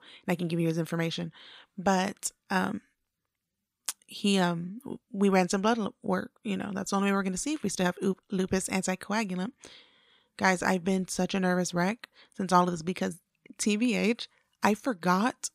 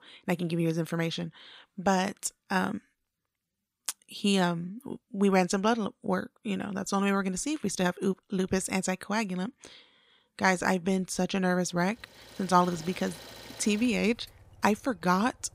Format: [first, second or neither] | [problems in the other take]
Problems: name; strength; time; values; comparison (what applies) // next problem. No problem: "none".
first | traffic noise; noticeable; from 12 s on; 20 dB below the speech